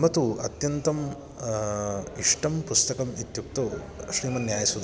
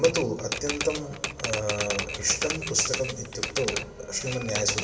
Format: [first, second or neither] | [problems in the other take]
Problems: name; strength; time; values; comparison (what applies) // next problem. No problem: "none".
first | background sound (Typewriter); 4 dB below the speech // room echo; dies away in 1.6 s